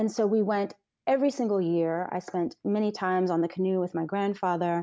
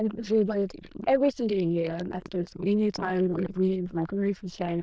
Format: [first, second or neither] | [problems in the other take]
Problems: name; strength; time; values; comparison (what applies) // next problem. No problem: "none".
first | noise reduction (neural diffusion model UNIVERSE++)